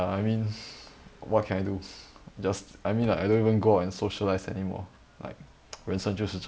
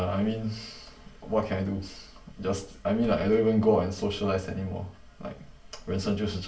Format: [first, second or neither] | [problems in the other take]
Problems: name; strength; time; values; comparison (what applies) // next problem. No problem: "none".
first | room echo; dies away in 0.3 s